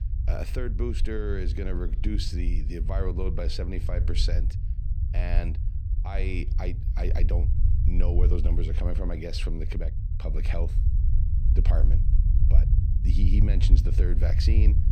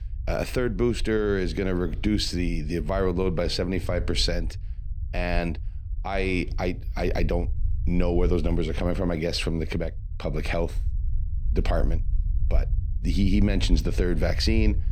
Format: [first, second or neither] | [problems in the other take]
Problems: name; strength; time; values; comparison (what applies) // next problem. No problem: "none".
second | low rumble; loud; throughout; 7 dB below the speech; faint in the second